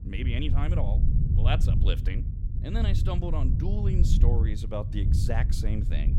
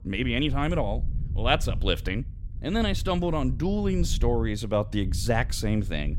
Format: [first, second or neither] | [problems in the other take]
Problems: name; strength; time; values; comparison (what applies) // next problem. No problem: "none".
second | low rumble; loud; throughout; 5 dB below the speech; faint in the second